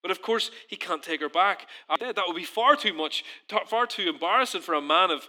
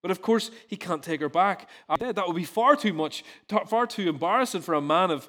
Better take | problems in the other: second | thin; somewhat; fading below 300 Hz

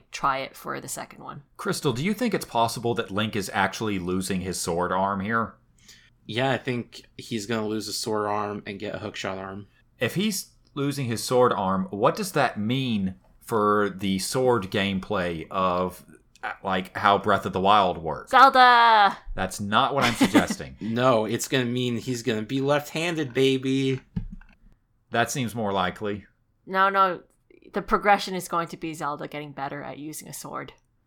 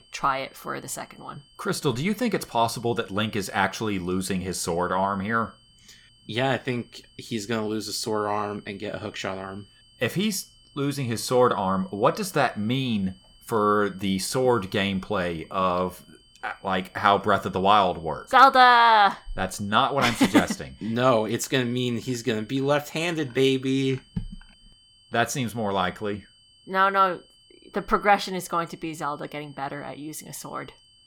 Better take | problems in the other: first | high-pitched whine; faint; throughout; 3 kHz, 30 dB below the speech

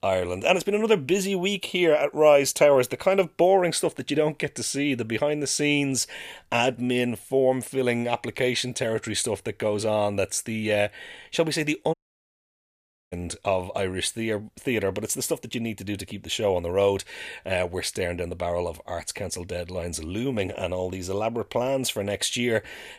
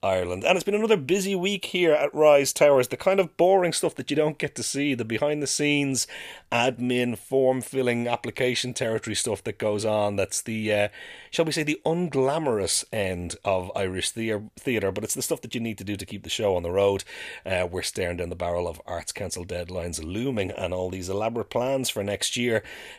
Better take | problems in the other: second | audio cutting out; at 12 s for 1 s

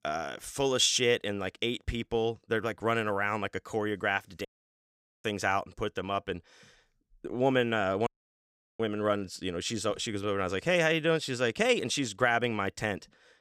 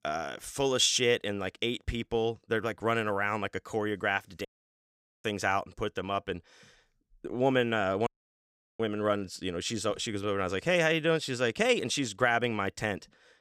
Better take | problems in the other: neither | audio cutting out; at 4.5 s for 1 s and at 8 s for 0.5 s; the same in both

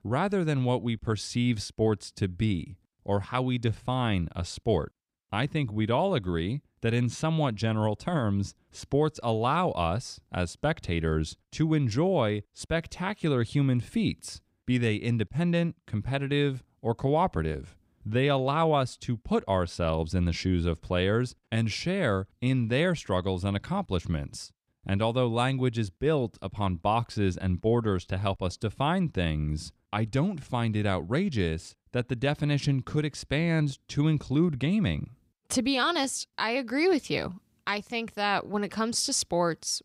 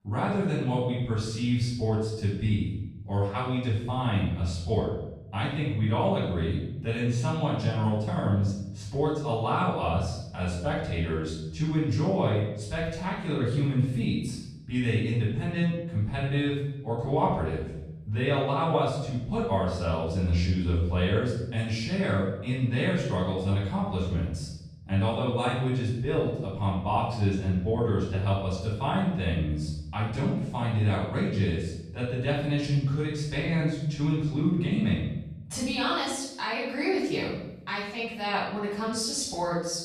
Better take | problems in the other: first | off-mic speech; far // room echo; noticeable; dies away in 0.8 s

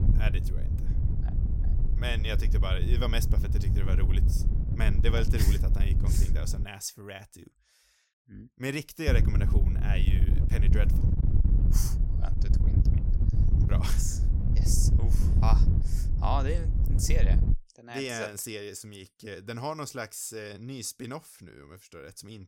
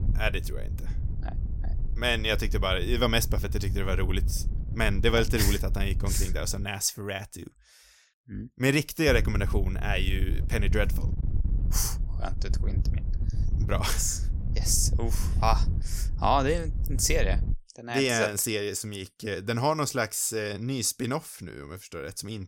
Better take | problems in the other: second | wind noise on the microphone; heavy; until 6.5 s and from 9 to 18 s; 6 dB below the speech; occasional gusts in the second

